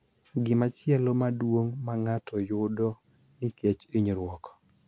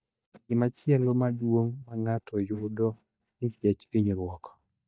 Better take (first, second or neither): first